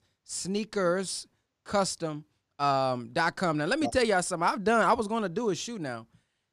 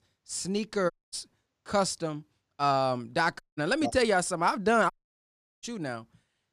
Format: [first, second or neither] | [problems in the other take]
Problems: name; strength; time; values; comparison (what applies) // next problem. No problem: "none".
first | audio cutting out; at 1 s, at 3.5 s and at 5 s for 0.5 s